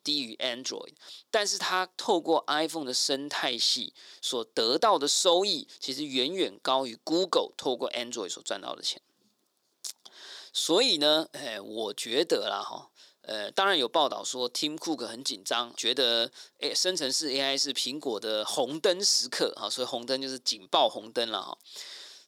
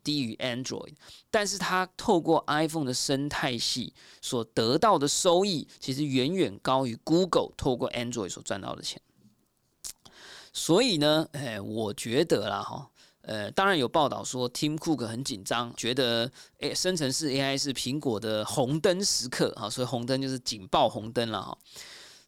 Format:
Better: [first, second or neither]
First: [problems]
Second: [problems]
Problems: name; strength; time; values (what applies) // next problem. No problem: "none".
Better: second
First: thin; very slightly; fading below 400 Hz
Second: none